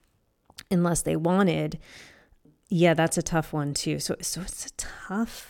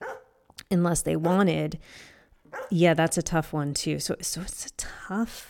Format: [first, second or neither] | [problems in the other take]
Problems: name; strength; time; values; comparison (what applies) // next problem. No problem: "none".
first | dog barking; faint; until 2.5 s; peak 15 dB below the speech